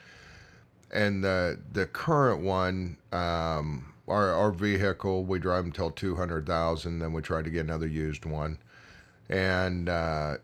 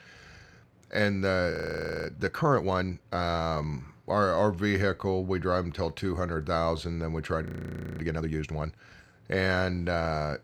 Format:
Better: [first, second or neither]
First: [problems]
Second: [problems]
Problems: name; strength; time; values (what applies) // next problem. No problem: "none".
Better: first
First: none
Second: audio freezing; at 1.5 s for 0.5 s and at 7.5 s for 0.5 s